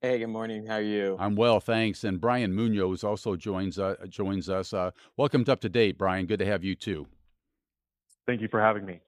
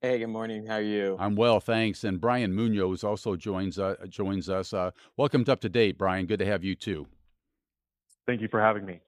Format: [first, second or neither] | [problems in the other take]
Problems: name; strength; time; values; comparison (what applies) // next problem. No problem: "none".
neither | none